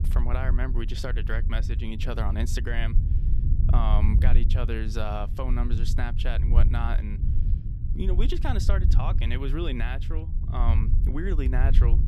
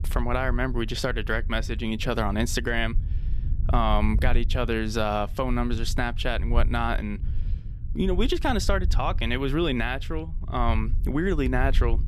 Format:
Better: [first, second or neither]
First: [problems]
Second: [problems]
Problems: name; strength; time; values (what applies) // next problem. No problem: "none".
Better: second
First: low rumble; loud; throughout; 9 dB below the speech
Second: low rumble; faint; throughout; 20 dB below the speech